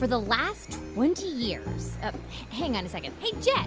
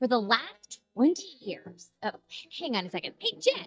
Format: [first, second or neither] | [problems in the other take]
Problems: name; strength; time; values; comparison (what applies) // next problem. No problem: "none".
first | noise reduction (neural mask model DeepFilterNet 3)